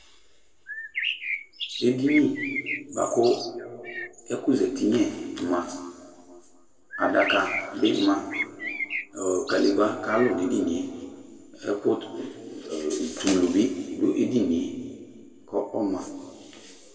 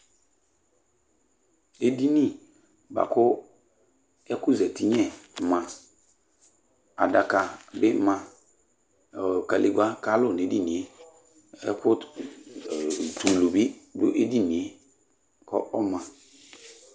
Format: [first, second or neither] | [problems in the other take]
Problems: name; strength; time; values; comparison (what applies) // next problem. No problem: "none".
second | background sound (Bird); 7 dB below the speech // room echo; dies away in 1.8 s